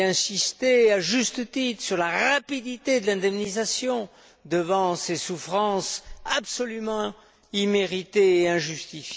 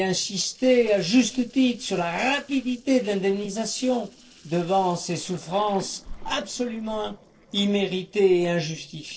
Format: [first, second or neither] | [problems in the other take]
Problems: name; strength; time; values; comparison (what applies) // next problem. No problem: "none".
first | noise reduction (neural separator model SepFormer DNS4)